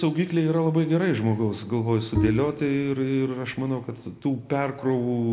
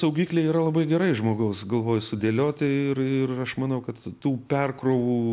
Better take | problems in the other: second | background sound (Bowed string instrument); 4 dB below the speech // room echo; dies away in 1.5 s

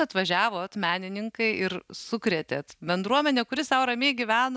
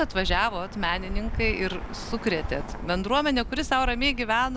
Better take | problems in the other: first | background sound (Bird); 6 dB below the speech

